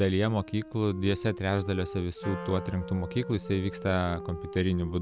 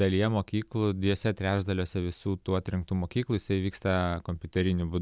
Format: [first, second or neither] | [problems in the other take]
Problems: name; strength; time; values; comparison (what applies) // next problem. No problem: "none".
second | background sound (Wind instrument, woodwind instrument + Wind instrument, woodwind instrument); 12 dB below the speech